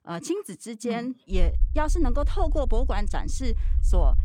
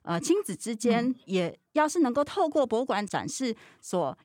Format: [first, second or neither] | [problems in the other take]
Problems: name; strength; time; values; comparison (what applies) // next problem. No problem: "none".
second | low rumble; noticeable; from 1.5 s on; 20 dB below the speech